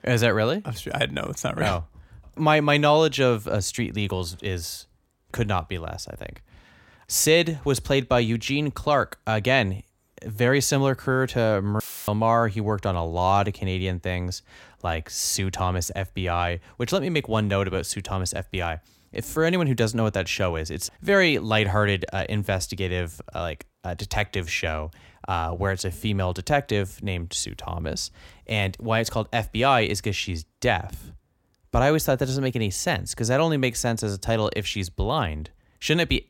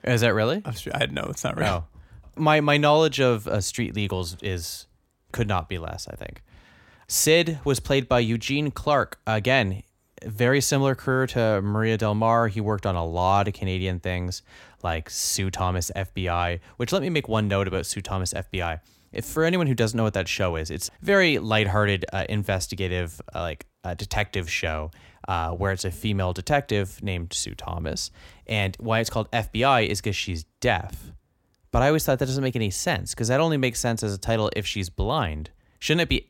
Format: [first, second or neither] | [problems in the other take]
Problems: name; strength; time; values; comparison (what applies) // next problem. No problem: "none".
second | audio cutting out; filled with static; at 12 s